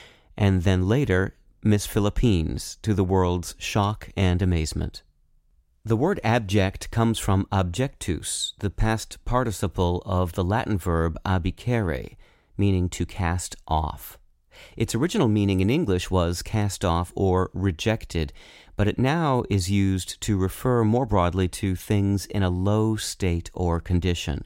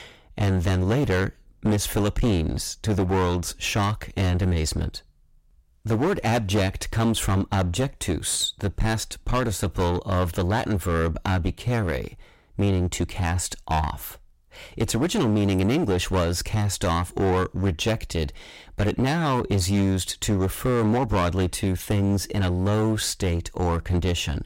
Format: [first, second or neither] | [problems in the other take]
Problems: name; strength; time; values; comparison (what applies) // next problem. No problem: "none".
first | distortion; heavy; 15% of the sound clipped